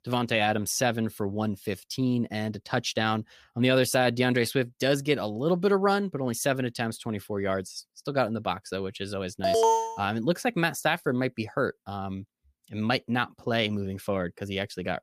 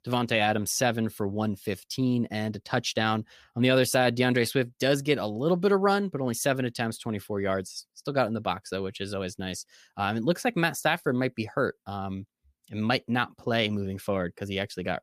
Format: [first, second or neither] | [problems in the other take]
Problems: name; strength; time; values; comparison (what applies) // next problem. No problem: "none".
second | alarm; loud; at 9.5 s; peak 5 dB above the speech